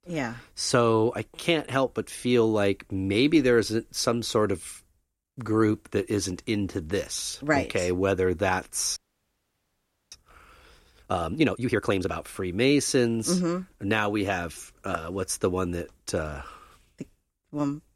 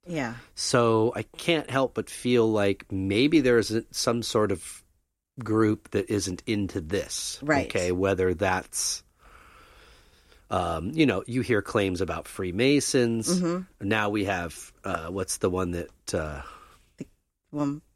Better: second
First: audio freezing; at 9 s for 1 s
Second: none

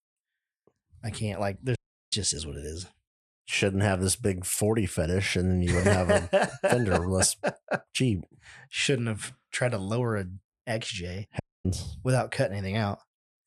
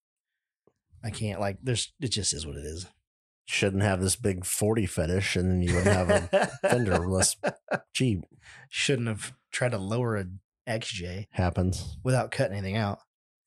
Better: second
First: audio cutting out; at 2 s and at 11 s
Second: none

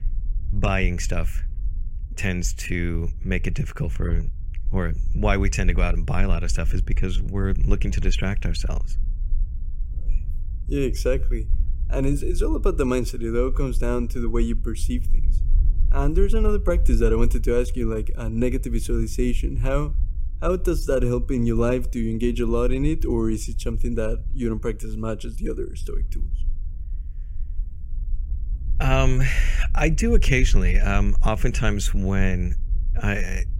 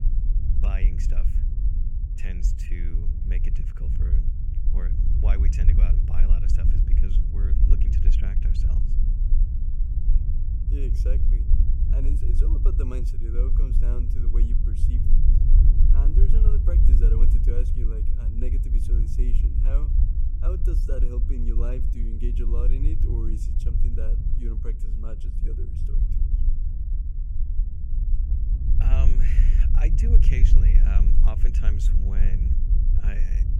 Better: first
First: low rumble; faint; throughout; 20 dB below the speech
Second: low rumble; loud; throughout; 1 dB below the speech

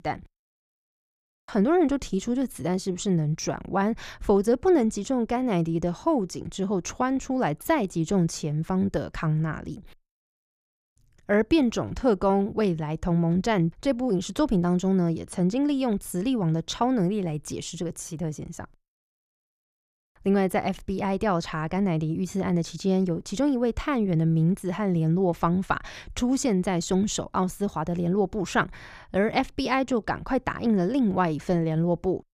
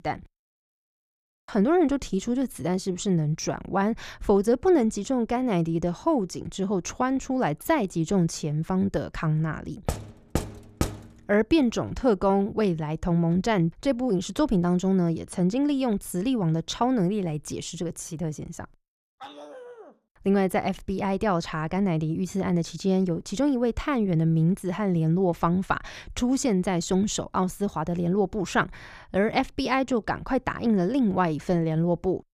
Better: first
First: none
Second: door banging; noticeable; from 10 to 11 s; peak 6 dB below the speech // dog barking; faint; at 19 s; peak 15 dB below the speech

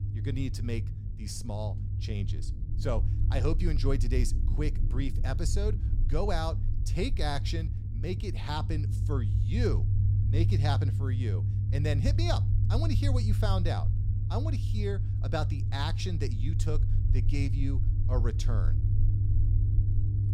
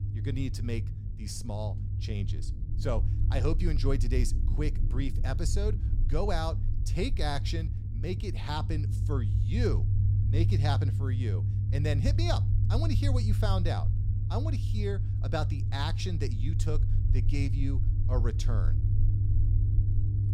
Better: neither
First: low rumble; loud; throughout; 7 dB below the speech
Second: low rumble; loud; throughout; 7 dB below the speech

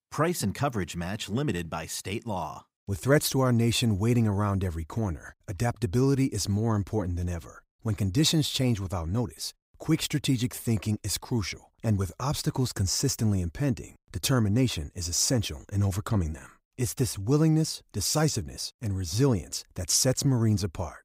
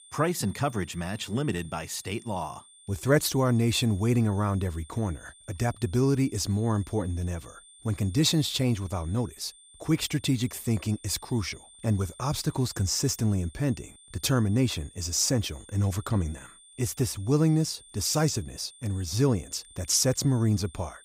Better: first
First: none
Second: high-pitched whine; faint; throughout; 9 kHz, 25 dB below the speech

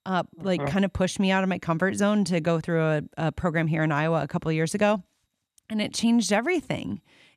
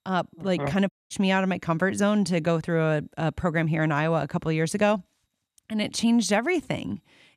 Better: first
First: none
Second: audio cutting out; at 1 s

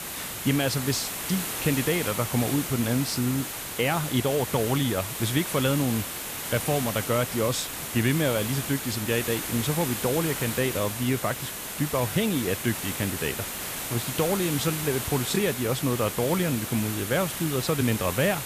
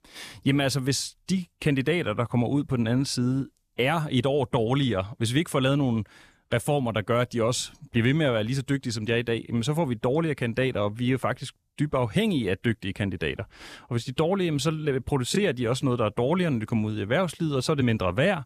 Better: second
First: hiss; loud; throughout; 4 dB below the speech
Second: none

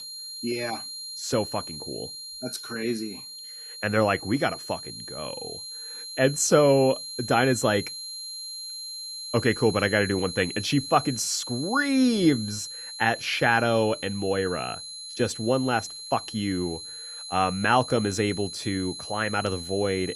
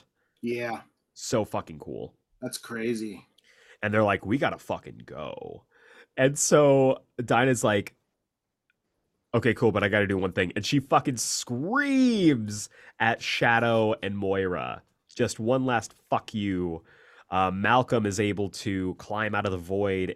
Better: second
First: high-pitched whine; loud; throughout; 4 kHz, 10 dB below the speech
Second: none

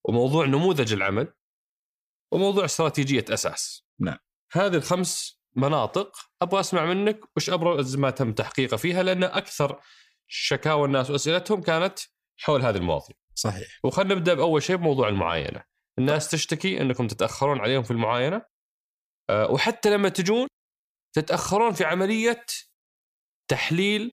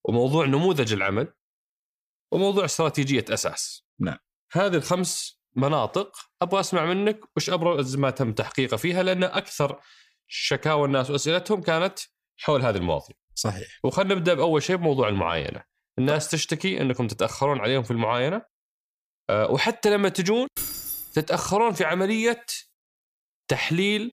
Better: first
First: none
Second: jangling keys; noticeable; at 21 s; peak 5 dB below the speech

